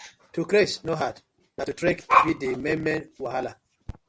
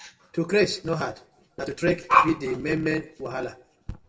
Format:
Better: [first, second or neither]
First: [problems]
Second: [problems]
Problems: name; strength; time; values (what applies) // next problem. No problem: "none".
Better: first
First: none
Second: room echo; dies away in 0.4 s